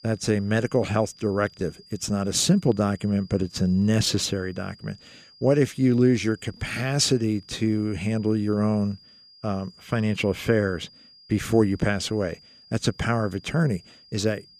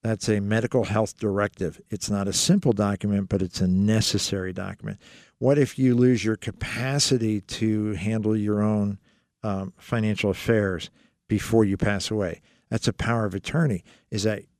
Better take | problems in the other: second | high-pitched whine; faint; throughout; 5 kHz, 25 dB below the speech

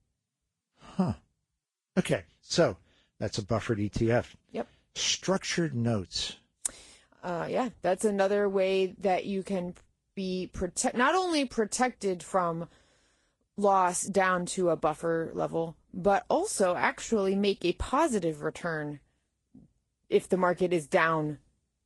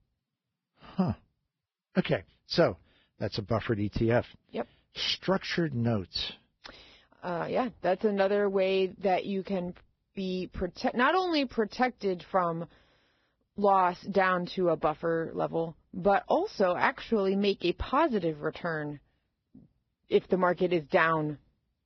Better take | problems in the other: first | garbled, watery; badly; nothing above 5.5 kHz; slightly in the first

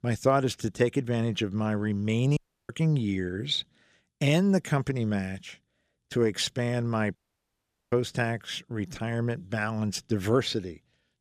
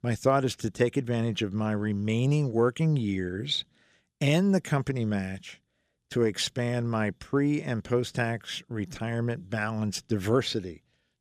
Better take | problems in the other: second | audio cutting out; at 2.5 s and at 7 s for 1 s

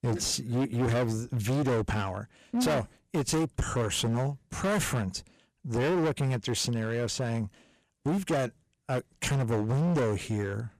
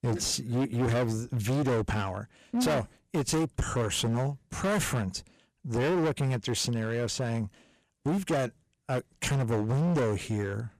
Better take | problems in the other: neither | distortion; heavy; 19% of the sound clipped; the same in both

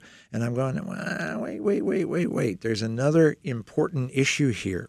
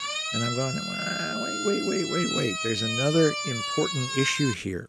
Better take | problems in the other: first | siren; loud; peak 1 dB above the speech

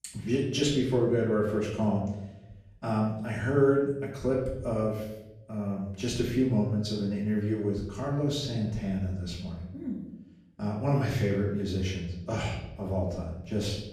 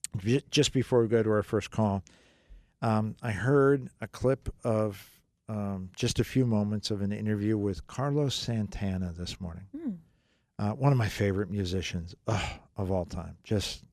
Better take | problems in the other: second | off-mic speech; far // room echo; noticeable; dies away in 0.8 s

